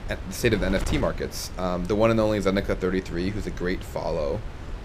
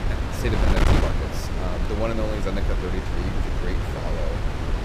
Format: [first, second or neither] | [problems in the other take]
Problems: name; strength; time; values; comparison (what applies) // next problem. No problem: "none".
first | wind noise on the microphone; heavy; 2 dB above the speech; occasional gusts in the first